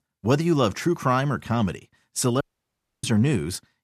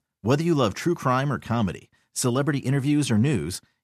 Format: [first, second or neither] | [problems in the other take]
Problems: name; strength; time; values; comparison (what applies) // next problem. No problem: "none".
second | audio cutting out; at 2.5 s for 0.5 s